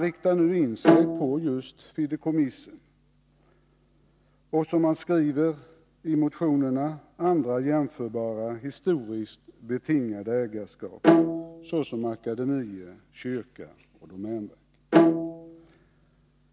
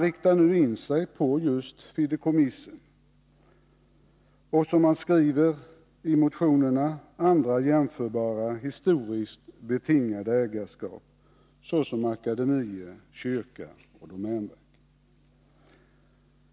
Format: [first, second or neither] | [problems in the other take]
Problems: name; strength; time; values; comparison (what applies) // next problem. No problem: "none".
second | background sound (Bowed string instrument); 4 dB above the speech